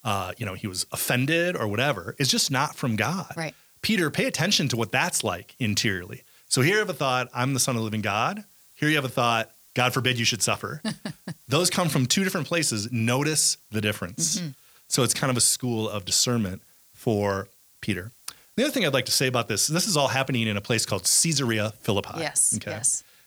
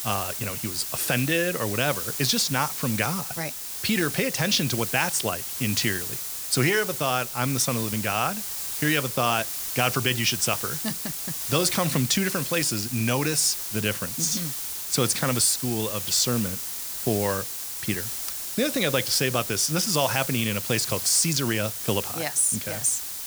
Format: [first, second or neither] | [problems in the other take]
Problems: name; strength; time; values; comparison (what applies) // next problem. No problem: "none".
first | hiss; loud; throughout; 4 dB below the speech; faint in the first